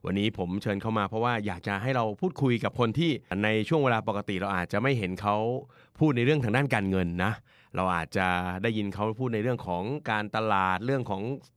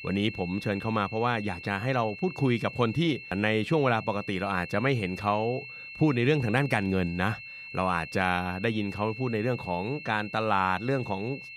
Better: first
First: none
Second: high-pitched whine; noticeable; throughout; 2.5 kHz, 10 dB below the speech

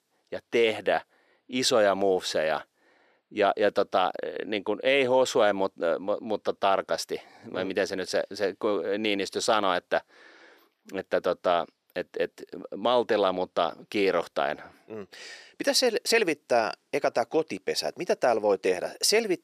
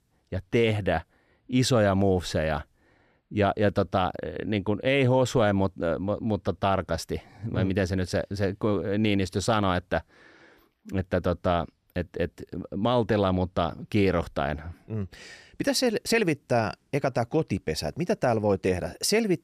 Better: second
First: thin; somewhat; fading below 450 Hz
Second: none

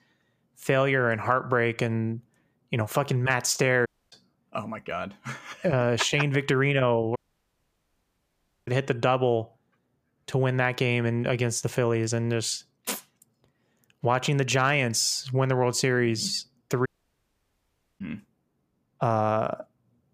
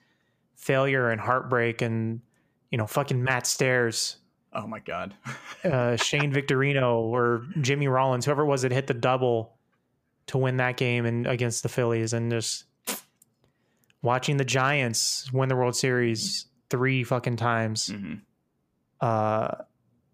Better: second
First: audio cutting out; at 4 s, at 7 s for 1.5 s and at 17 s for 1 s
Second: none

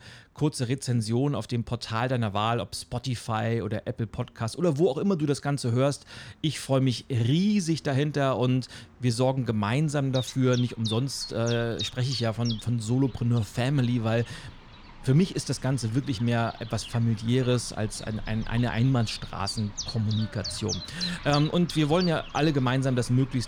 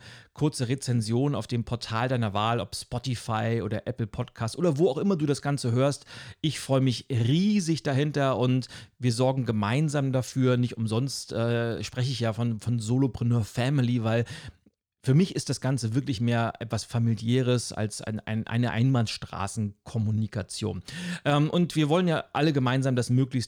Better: second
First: animal sounds; noticeable; throughout; 10 dB below the speech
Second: none

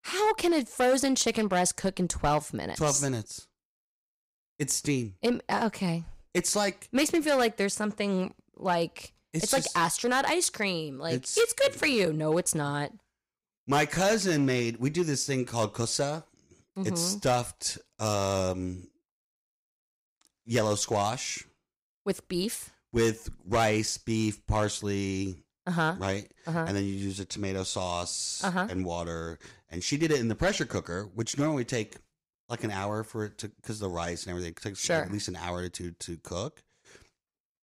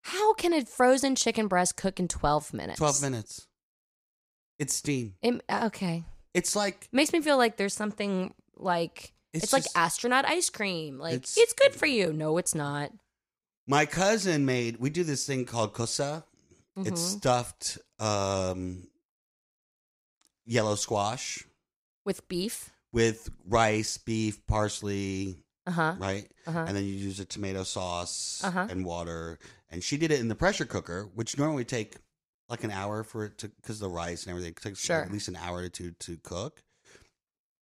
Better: second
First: distortion; slight; 3% of the sound clipped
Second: none

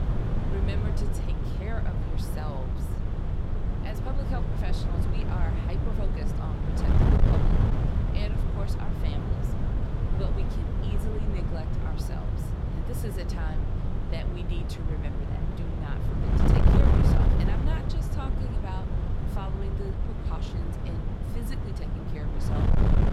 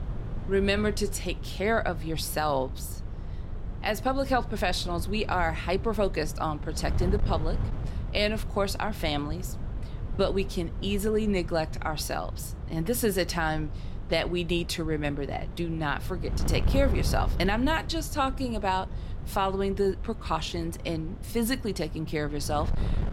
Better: second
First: wind noise on the microphone; heavy; 4 dB above the speech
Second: wind noise on the microphone; occasional gusts; 15 dB below the speech

